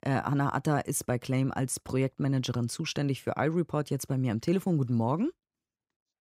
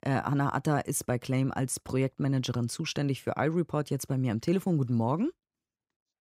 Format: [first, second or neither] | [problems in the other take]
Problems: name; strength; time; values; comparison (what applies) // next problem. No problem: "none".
neither | none